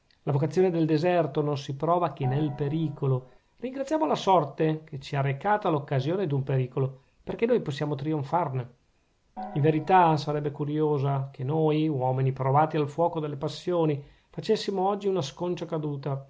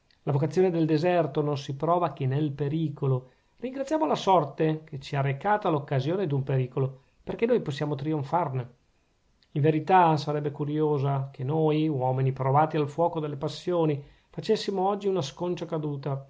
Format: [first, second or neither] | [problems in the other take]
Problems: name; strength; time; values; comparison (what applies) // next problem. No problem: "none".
second | background sound (Gong); 16 dB below the speech